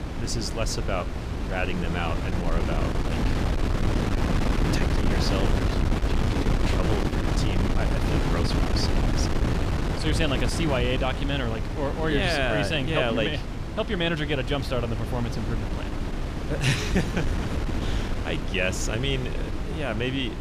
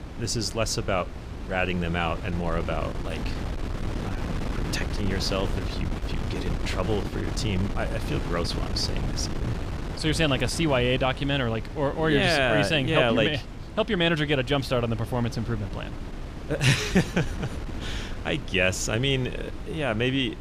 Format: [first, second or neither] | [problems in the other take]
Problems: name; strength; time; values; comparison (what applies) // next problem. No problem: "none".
second | wind noise on the microphone; heavy; 3 dB below the speech; occasional gusts in the second